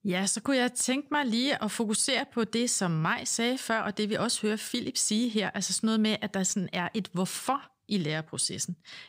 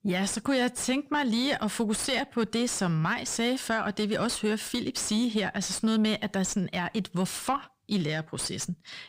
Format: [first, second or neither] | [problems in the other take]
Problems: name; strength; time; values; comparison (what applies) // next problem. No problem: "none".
first | distortion; slight; 10 dB below the speech